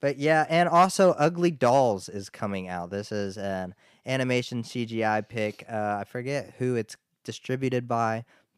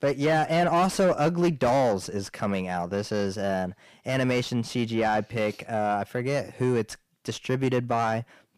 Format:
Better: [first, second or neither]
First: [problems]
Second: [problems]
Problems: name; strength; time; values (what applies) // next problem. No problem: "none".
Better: first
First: none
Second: distortion; heavy; 7 dB below the speech